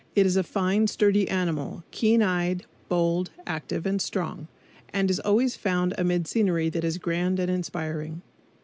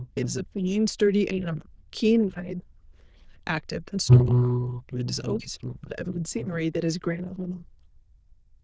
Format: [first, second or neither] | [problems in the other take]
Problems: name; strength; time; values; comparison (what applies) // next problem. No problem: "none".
first | noise reduction (neural diffusion model UNIVERSE++)